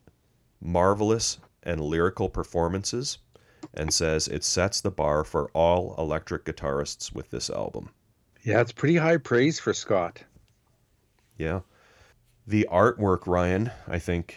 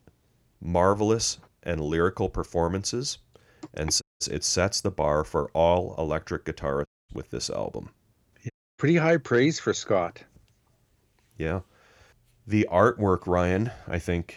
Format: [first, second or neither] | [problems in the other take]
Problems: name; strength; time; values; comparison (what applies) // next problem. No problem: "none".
first | audio cutting out; at 4 s, at 7 s and at 8.5 s